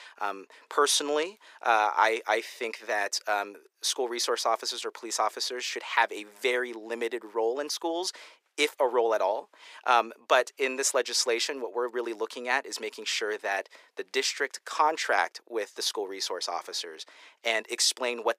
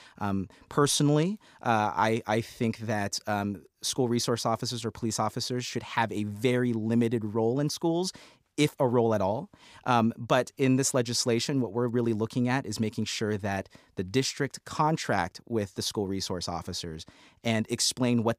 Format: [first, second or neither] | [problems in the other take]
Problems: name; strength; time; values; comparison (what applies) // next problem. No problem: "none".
second | thin; very; fading below 400 Hz